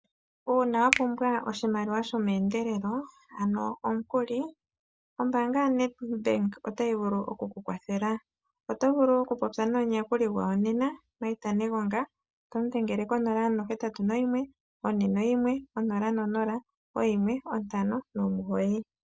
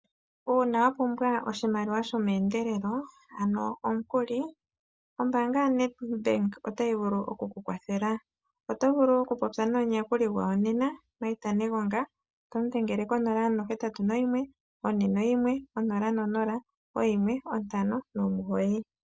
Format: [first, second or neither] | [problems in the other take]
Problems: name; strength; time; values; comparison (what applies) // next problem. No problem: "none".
second | background sound (Finger snapping); 9 dB below the speech